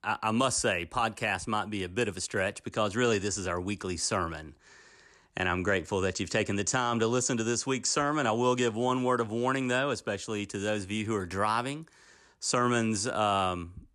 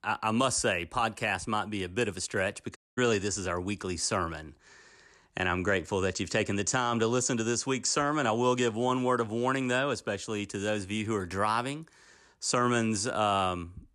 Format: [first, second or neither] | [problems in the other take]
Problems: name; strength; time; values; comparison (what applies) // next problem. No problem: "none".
first | audio cutting out; at 3 s